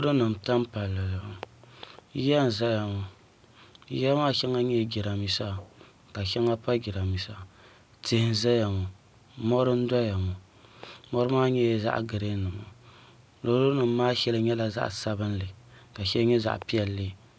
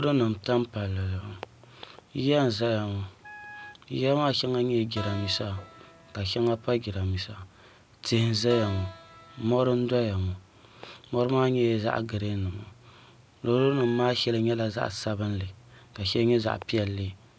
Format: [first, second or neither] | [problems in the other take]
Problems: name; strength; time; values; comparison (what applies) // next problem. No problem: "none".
first | background sound (Wind instrument, woodwind instrument + Keyboard (musical)); 19 dB below the speech